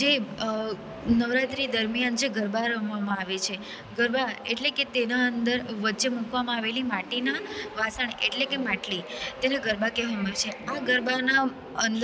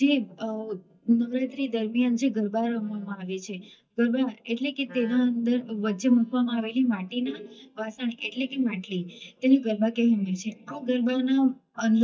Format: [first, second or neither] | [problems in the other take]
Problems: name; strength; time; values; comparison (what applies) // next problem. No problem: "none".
first | noise reduction (neural mask model DeepFilterNet 3)